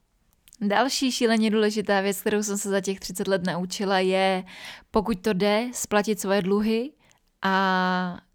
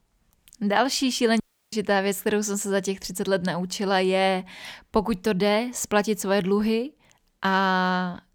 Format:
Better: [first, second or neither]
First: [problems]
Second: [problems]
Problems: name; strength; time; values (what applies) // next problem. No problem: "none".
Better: first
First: none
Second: audio cutting out; at 1.5 s